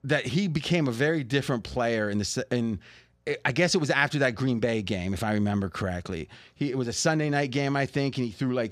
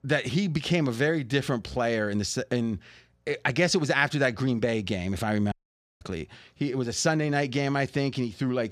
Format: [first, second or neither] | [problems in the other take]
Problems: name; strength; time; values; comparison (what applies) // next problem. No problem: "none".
first | audio cutting out; at 5.5 s